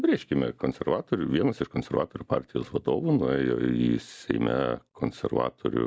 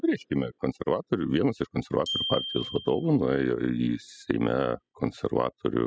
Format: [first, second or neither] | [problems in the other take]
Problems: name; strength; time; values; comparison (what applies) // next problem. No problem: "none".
first | noise reduction (classical method spectral subtraction)